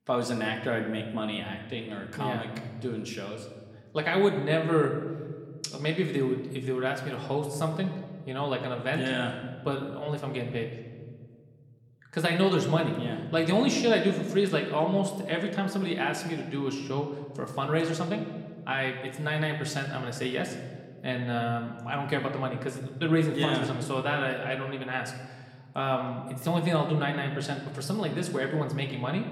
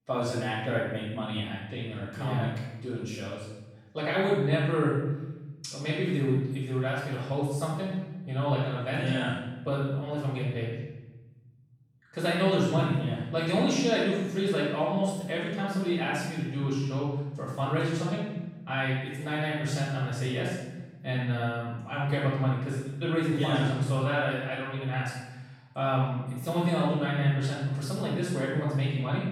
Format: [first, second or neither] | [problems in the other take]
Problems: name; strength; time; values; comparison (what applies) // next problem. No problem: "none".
first | room echo; strong; dies away in 1.1 s; slight in the first // off-mic speech; far